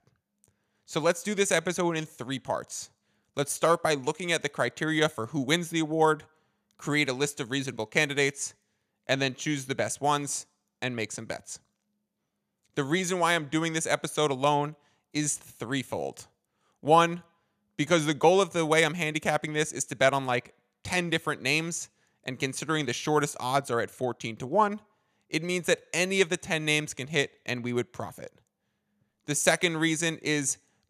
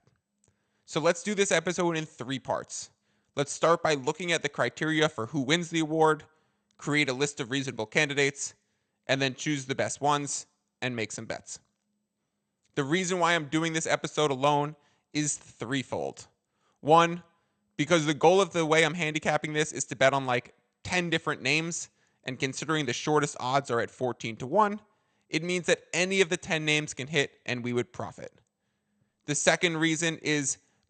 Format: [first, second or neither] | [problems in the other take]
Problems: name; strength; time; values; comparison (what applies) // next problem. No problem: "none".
first | garbled, watery; slightly; nothing above 8.5 kHz